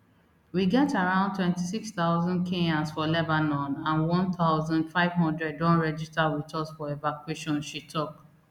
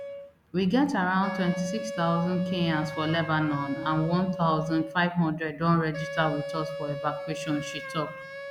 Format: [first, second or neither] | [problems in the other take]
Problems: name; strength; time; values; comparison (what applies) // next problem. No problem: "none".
first | background sound (Wind instrument, woodwind instrument); 10 dB below the speech